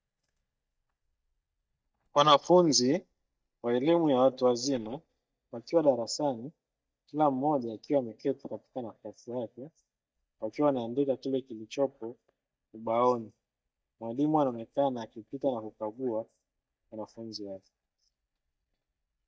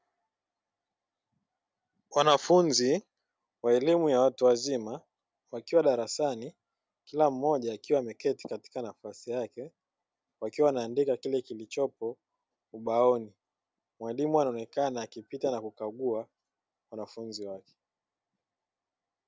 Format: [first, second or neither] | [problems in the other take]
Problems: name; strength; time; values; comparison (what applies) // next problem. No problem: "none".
second | noise reduction (neural mask model DeepFilterNet 3)